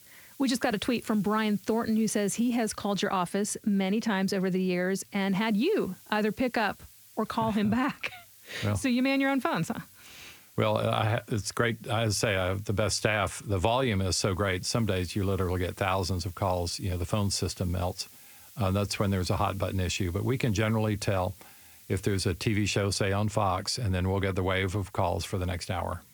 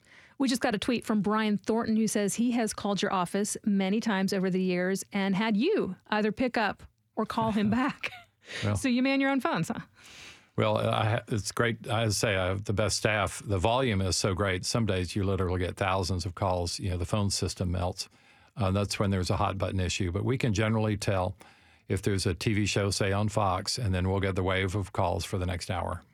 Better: second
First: hiss; faint; throughout; 25 dB below the speech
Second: none

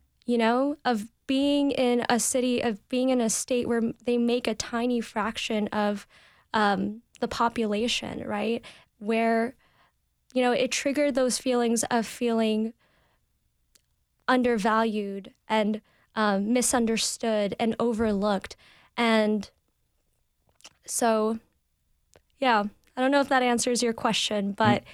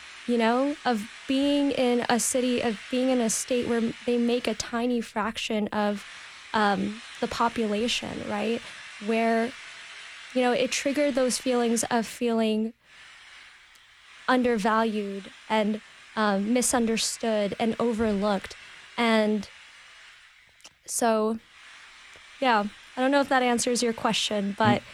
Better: first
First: none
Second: machinery noise; noticeable; throughout; 15 dB below the speech

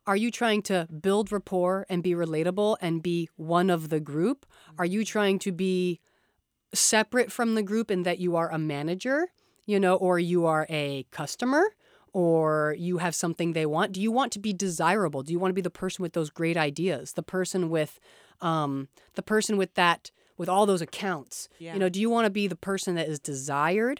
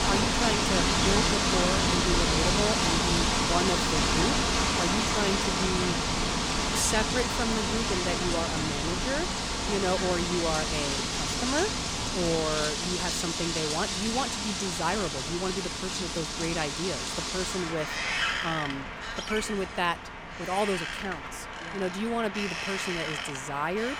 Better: first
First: none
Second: wind in the background; very loud; throughout; 4 dB above the speech

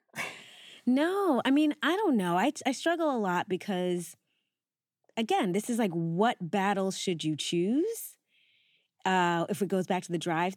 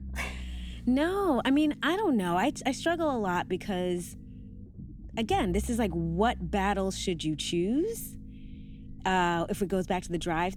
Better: first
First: none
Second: low rumble; faint; throughout; 25 dB below the speech

